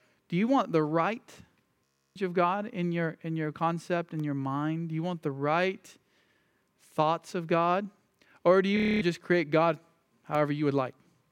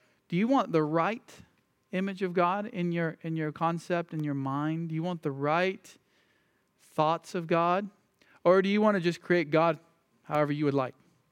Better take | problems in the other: second | audio freezing; at 2 s and at 9 s

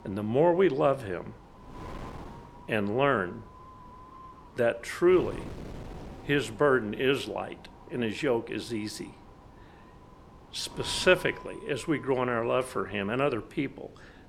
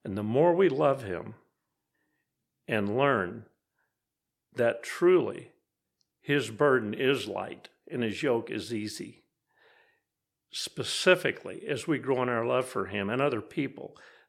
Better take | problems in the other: second | wind noise on the microphone; occasional gusts; 20 dB below the speech

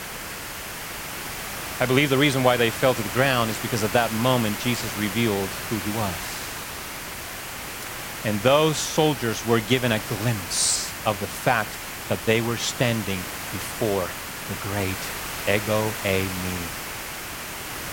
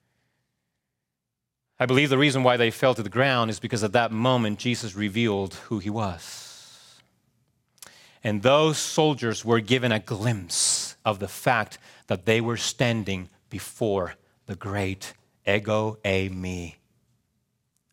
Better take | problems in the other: second | hiss; loud; throughout; 7 dB below the speech

